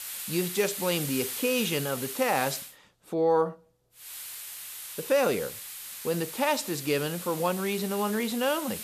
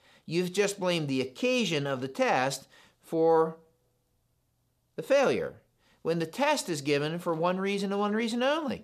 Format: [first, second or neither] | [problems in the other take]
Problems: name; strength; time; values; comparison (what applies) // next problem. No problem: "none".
second | hiss; loud; until 2.5 s and from 4 s on; 7 dB below the speech